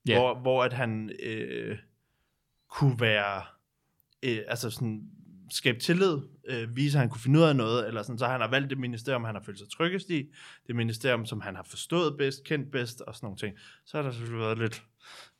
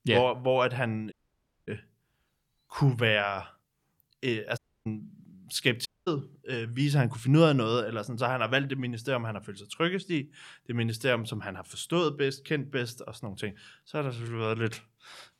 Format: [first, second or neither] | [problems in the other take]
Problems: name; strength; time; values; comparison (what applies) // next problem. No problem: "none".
first | audio cutting out; at 1 s for 0.5 s, at 4.5 s and at 6 s